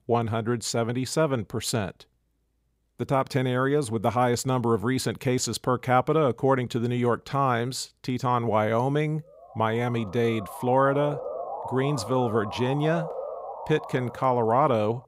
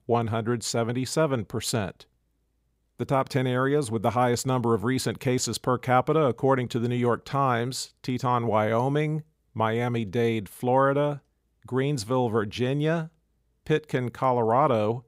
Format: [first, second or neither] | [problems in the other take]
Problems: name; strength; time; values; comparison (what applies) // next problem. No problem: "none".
second | siren; noticeable; from 9.5 s on; peak 8 dB below the speech